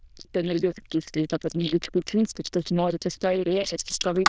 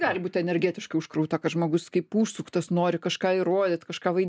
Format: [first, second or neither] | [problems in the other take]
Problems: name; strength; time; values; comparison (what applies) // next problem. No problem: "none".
second | noise reduction (neural diffusion model UNIVERSE++)